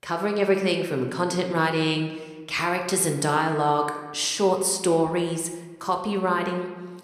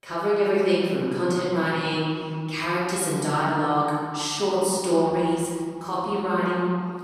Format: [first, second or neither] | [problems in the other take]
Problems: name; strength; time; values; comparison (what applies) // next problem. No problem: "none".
first | room echo; strong; dies away in 2.3 s; slight in the first // off-mic speech; far